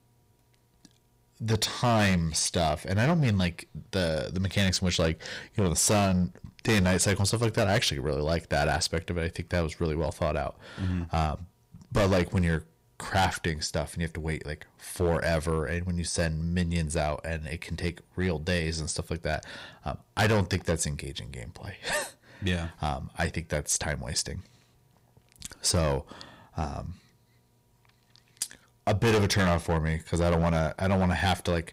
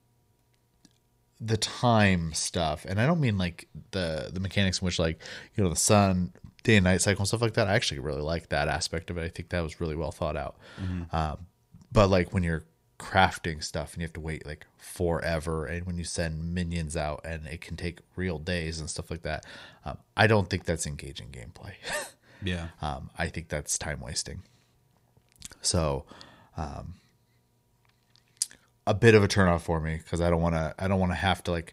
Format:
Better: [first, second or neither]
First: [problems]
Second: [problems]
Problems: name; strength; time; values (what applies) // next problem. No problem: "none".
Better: second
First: distortion; heavy; 6% of the sound clipped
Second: none